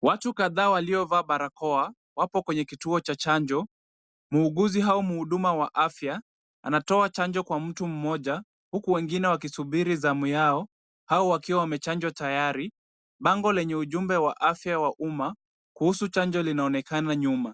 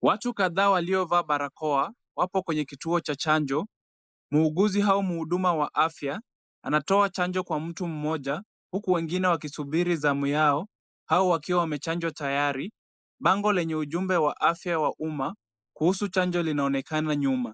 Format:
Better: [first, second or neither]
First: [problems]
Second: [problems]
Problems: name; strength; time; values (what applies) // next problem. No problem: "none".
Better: first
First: none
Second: noise reduction (neural mask model Resemble Enhance denoiser)